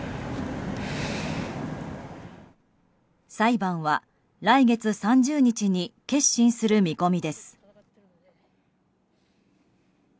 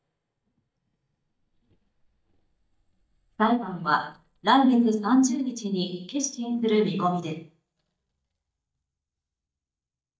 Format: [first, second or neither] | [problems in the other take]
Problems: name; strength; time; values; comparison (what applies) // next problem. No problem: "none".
first | noise reduction (neural mask model DeepFilterNet 3)